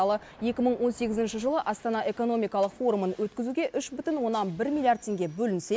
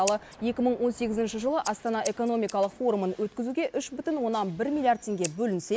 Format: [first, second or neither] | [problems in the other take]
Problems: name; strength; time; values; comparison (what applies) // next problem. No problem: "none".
first | background sound (Scissors); 17 dB below the speech